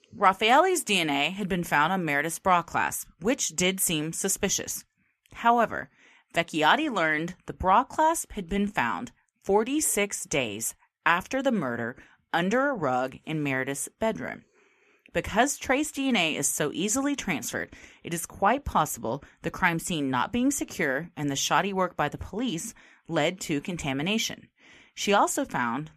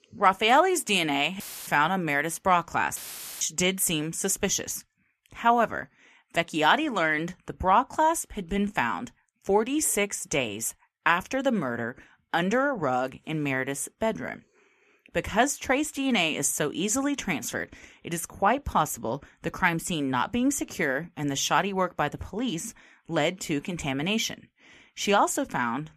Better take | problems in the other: first | audio cutting out; filled with static; at 1.5 s and at 3 s

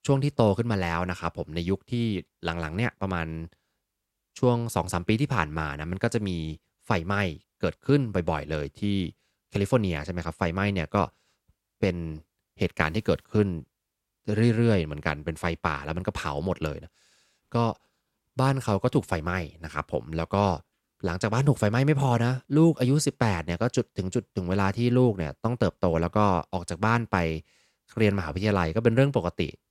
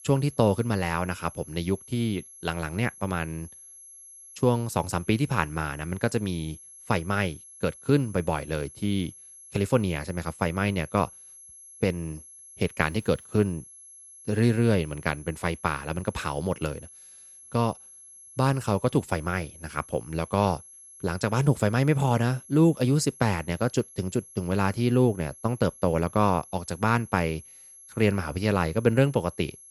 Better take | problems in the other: first | high-pitched whine; noticeable; throughout; 11 kHz, 20 dB below the speech

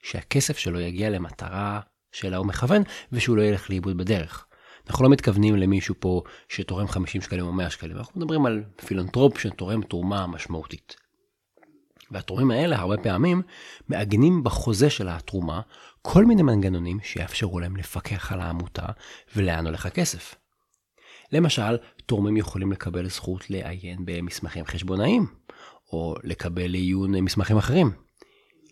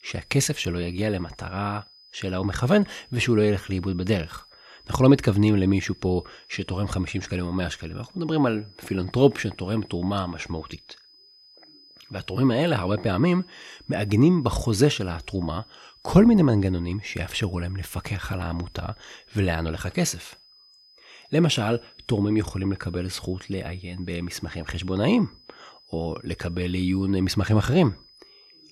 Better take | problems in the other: first | high-pitched whine; faint; throughout; 5 kHz, 25 dB below the speech

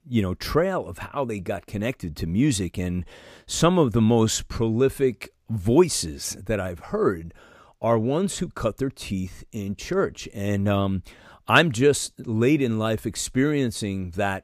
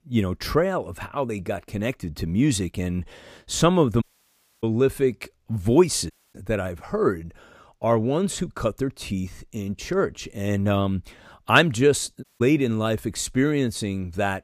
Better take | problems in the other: first | audio cutting out; at 4 s for 0.5 s, at 6 s and at 12 s

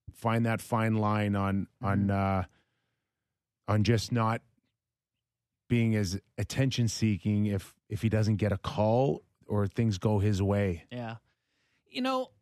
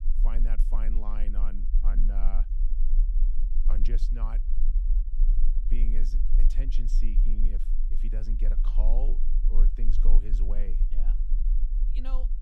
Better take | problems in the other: first | low rumble; loud; throughout; 8 dB below the speech

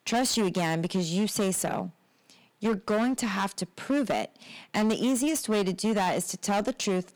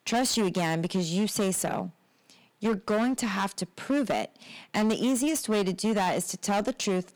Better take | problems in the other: neither | distortion; slight; 16% of the sound clipped; the same in both

